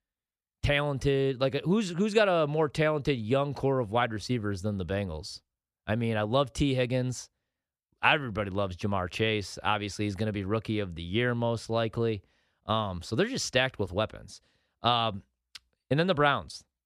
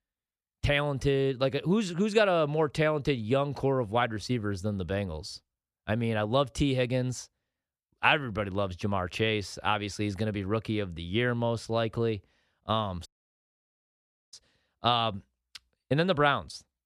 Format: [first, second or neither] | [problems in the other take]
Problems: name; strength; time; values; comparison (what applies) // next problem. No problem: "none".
first | audio cutting out; at 13 s for 1.5 s